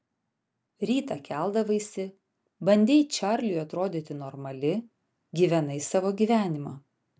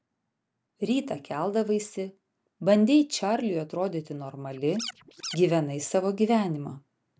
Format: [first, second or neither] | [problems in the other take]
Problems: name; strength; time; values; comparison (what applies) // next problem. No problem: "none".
first | background sound (Scratching (performance technique)); 12 dB below the speech